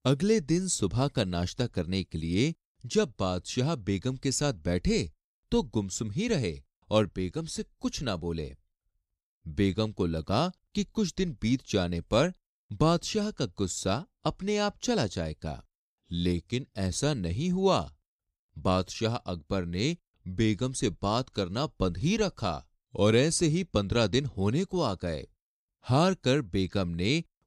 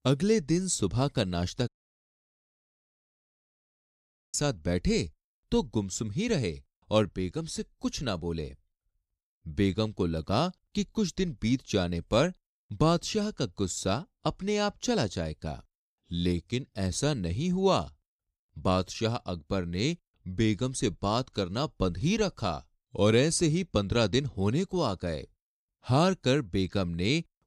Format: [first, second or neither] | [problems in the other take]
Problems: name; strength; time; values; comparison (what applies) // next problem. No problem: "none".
first | audio cutting out; at 1.5 s for 2.5 s